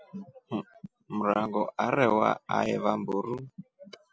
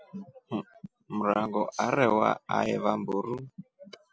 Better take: first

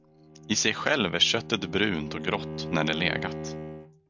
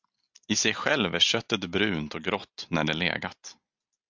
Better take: second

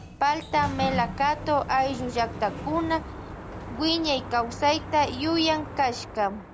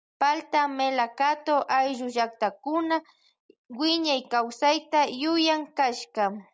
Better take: second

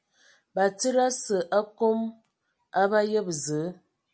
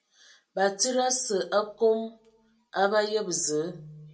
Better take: first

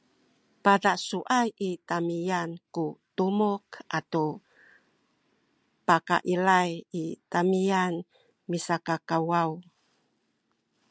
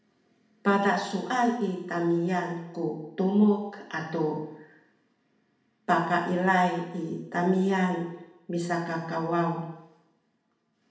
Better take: first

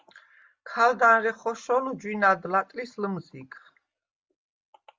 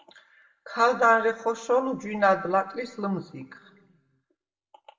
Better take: first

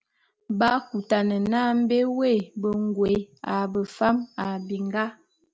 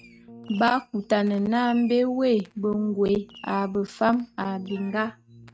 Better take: first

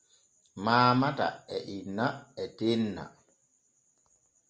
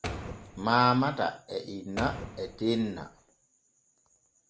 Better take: first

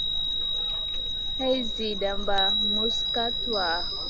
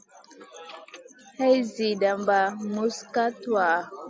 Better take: second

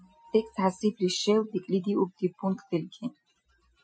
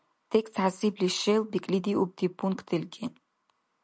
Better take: second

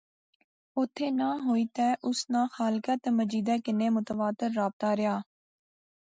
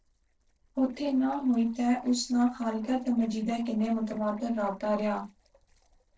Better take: first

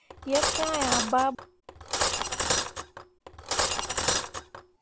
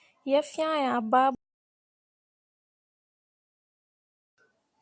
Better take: second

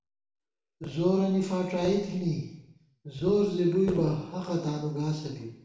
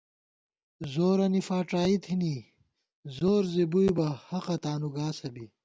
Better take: second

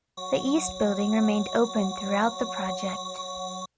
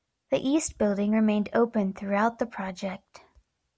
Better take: second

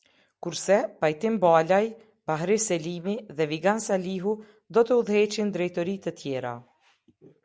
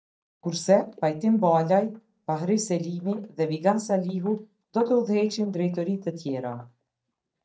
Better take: first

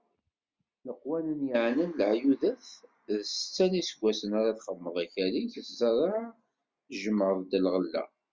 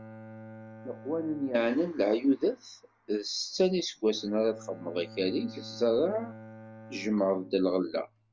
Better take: first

